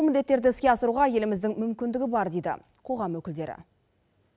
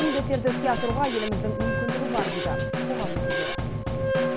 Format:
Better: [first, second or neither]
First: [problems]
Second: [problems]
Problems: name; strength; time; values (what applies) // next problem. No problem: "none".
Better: first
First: none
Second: background sound (Wind instrument, woodwind instrument + Snare drum / Drum kit); 2 dB above the speech